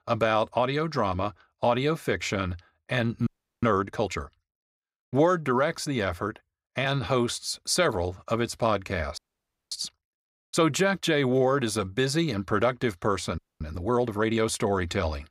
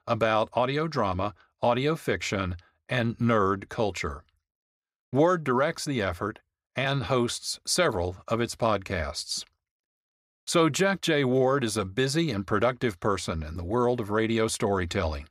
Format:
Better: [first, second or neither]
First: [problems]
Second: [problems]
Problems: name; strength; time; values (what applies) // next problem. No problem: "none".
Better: second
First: audio freezing; at 3.5 s, at 9 s for 0.5 s and at 13 s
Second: none